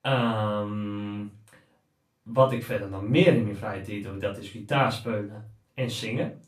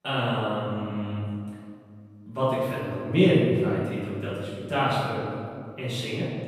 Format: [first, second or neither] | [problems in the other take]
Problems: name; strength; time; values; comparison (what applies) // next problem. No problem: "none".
first | room echo; strong; dies away in 2.1 s; slight in the first // off-mic speech; far; far in the first